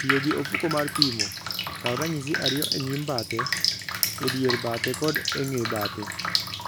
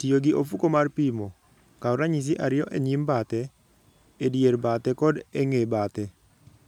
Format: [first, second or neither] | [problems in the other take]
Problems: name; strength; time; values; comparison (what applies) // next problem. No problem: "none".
second | background sound (Drip); as loud as the speech